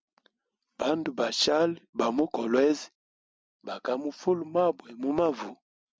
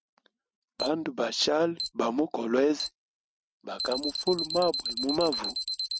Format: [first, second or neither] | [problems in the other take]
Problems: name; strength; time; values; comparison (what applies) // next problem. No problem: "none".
first | noise reduction (neural mask model RNNoise)